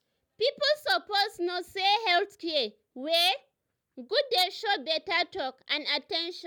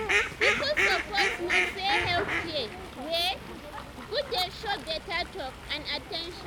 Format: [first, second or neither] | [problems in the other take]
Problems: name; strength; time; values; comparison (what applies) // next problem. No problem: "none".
first | background sound (Fowl); 1 dB above the speech